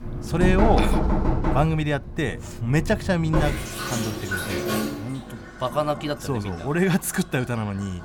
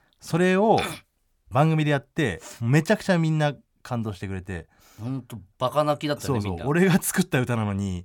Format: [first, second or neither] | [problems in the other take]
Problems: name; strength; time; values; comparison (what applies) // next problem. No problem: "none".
second | household noises; loud; throughout; 1 dB below the speech